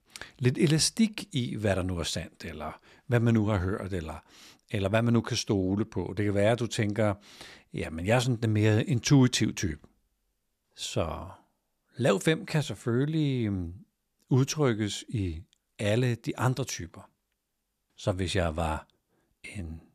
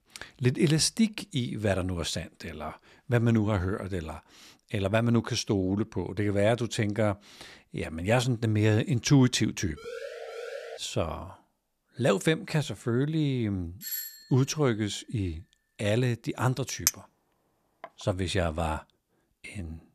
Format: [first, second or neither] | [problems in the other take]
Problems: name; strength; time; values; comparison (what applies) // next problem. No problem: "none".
first | siren; faint; from 10 to 11 s; peak 10 dB below the speech // doorbell; noticeable; at 14 s; peak 6 dB below the speech // clattering dishes; loud; at 17 s; peak level with the speech